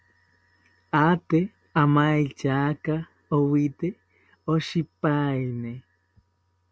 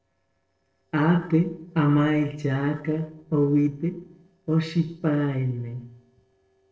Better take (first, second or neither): first